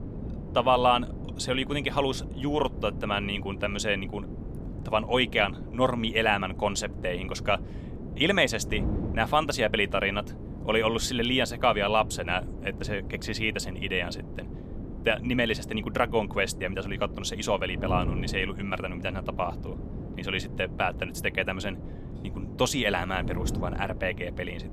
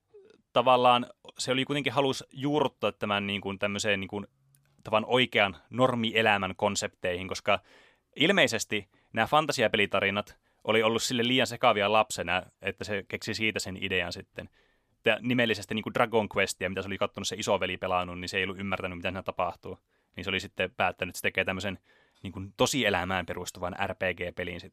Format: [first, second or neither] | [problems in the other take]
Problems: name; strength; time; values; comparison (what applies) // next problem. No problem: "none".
second | wind noise on the microphone; occasional gusts; 15 dB below the speech